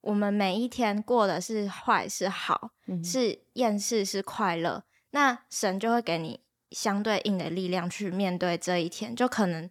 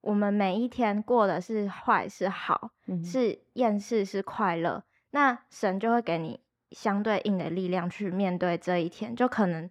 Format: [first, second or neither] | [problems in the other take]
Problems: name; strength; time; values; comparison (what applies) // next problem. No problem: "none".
first | muffled; slightly; fading above 3.5 kHz